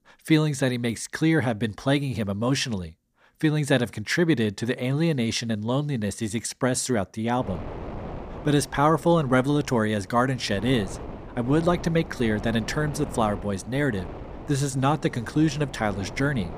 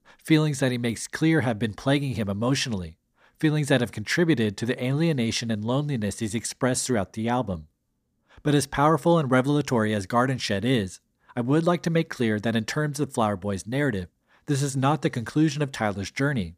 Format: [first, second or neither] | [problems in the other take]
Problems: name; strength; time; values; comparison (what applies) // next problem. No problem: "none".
second | wind noise on the microphone; occasional gusts; from 7.5 s on; 15 dB below the speech